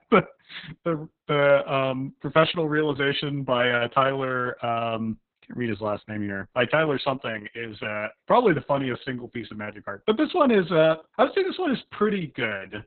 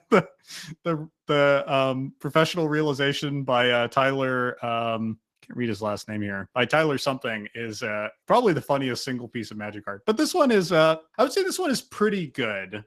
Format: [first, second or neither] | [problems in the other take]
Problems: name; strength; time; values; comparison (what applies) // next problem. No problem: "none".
second | garbled, watery; badly; nothing above 4 kHz; slightly in the second